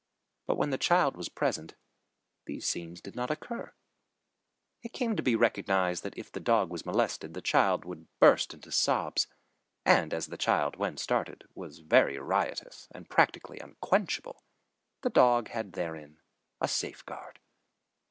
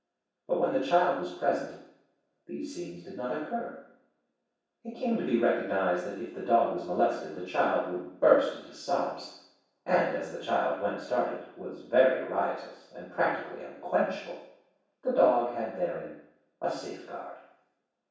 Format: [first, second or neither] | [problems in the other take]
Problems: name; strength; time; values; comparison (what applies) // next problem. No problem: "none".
first | room echo; dies away in 0.7 s